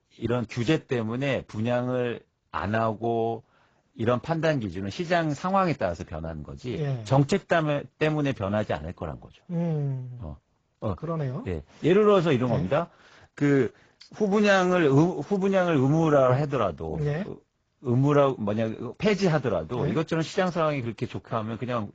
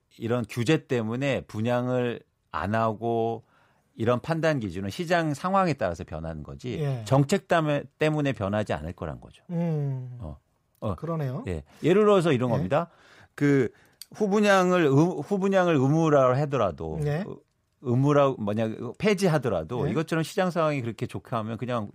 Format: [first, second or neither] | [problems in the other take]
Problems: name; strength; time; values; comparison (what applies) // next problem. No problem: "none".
second | garbled, watery; badly; nothing above 7.5 kHz